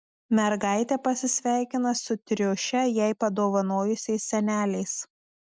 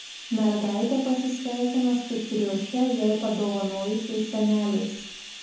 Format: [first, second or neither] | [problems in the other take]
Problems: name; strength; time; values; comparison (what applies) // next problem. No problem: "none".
first | background sound (Bathtub (filling or washing)); 15 dB below the speech // room echo; dies away in 0.7 s